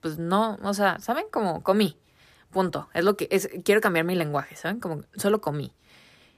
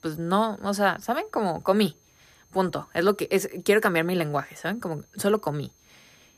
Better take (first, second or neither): first